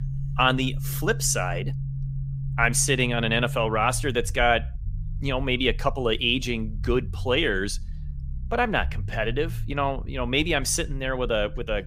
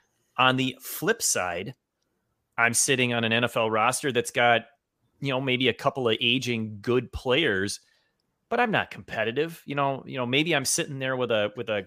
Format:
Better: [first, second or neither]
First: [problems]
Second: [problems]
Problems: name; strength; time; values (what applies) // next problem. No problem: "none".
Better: second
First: low rumble; faint; throughout; 20 dB below the speech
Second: none